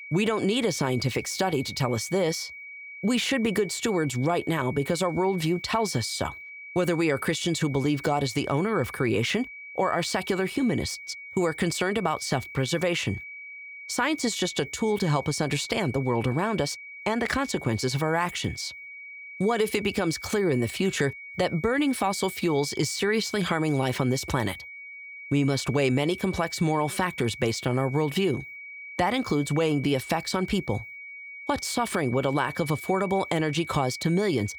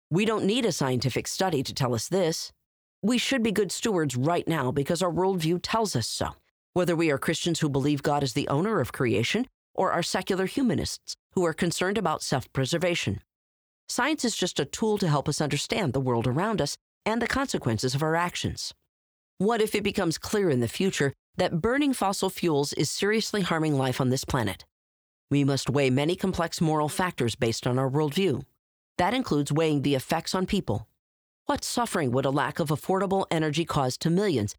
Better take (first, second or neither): second